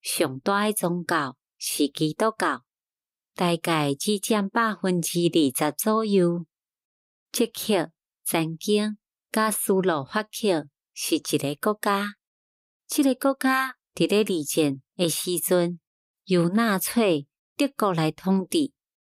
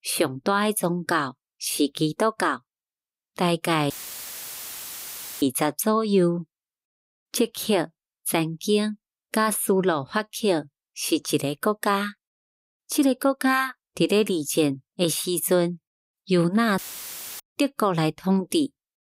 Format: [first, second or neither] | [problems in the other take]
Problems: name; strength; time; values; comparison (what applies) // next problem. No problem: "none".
first | audio cutting out; filled with static; at 4 s for 1.5 s and at 17 s for 0.5 s